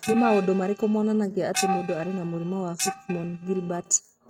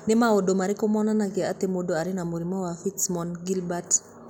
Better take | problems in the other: second | noise reduction (neural mask model RNNoise)

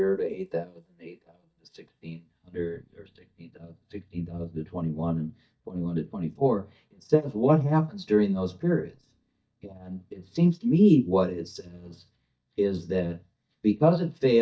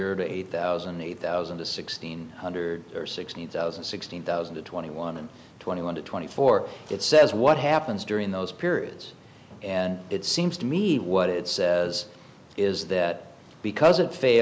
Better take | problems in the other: second | noise reduction (neural mask model DeepFilterNet 3)

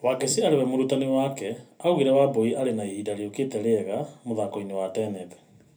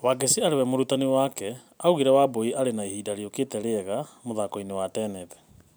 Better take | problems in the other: second | room echo; dies away in 0.3 s

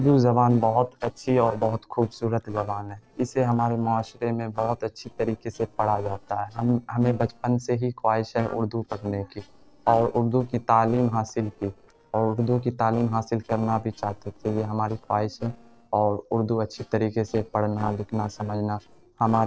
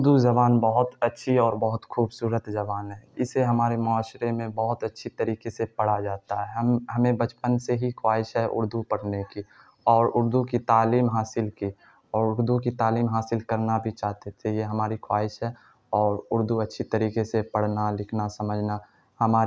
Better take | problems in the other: second | noise reduction (neural separator model SepFormer DNS4)

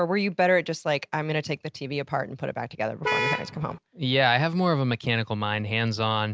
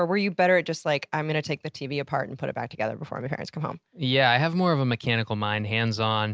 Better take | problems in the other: second | background sound (Vehicle horn, car horn, honking); 2 dB below the speech

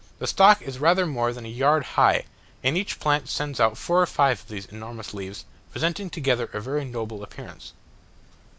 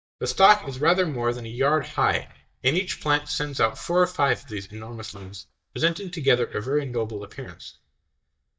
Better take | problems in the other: first | noise reduction (neural mask model DeepFilterNet 3)

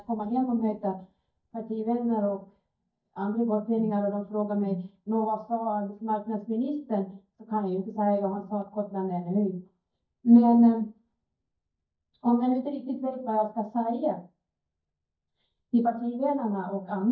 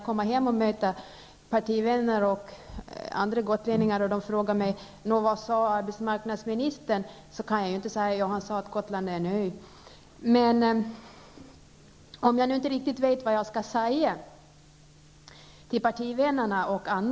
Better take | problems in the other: second | noise reduction (neural mask model DeepFilterNet 3)

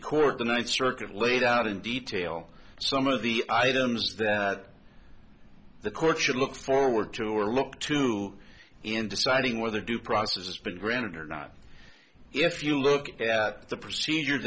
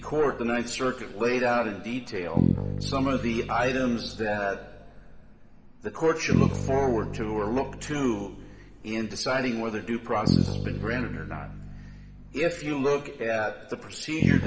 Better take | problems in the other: first | background sound (Bass guitar); 3 dB below the speech // room echo; dies away in 1.8 s

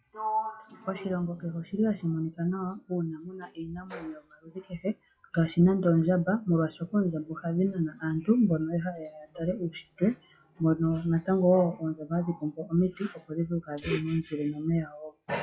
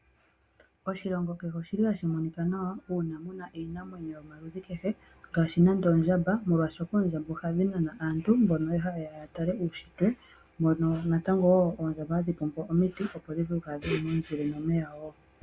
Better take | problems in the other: second | noise reduction (classical method log-MMSE)

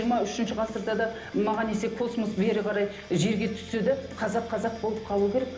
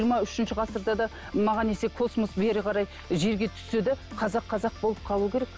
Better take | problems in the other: second | room echo; dies away in 0.8 s

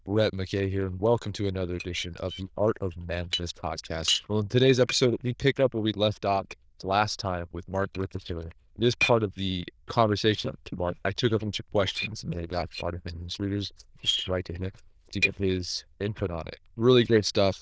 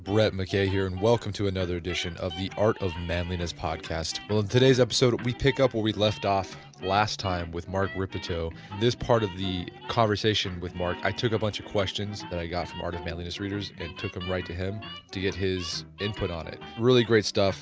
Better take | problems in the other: second | noise reduction (neural diffusion model UNIVERSE++)

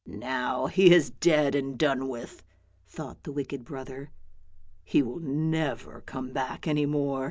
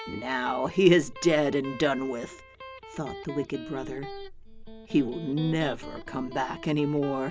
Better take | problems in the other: first | background sound (Electric guitar); 15 dB below the speech

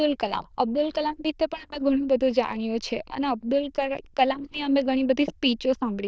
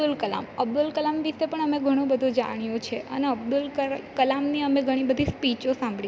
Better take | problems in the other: second | noise reduction (neural diffusion model UNIVERSE++)

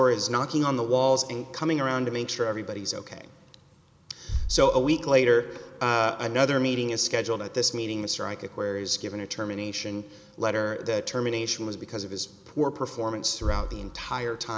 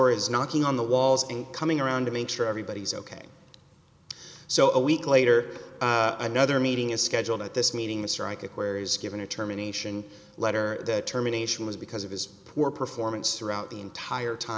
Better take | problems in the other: second | background sound (Bass drum); 13 dB below the speech

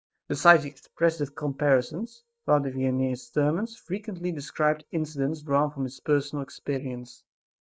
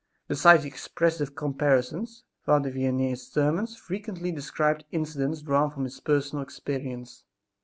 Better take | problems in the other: second | noise reduction (neural mask model DeepFilterNet 3)

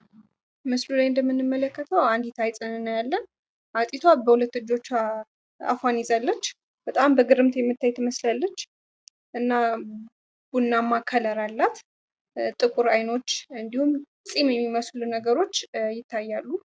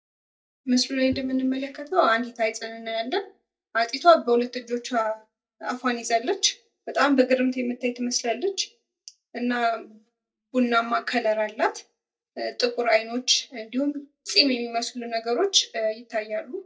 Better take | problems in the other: first | noise reduction (neural mask model DeepFilterNet 3)

